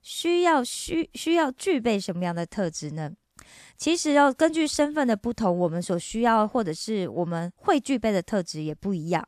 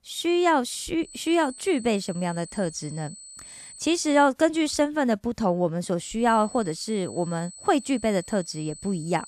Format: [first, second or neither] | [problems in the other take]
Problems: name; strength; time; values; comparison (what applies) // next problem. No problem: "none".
first | high-pitched whine; noticeable; from 1 to 4.5 s and from 6 s on; 8 kHz, 15 dB below the speech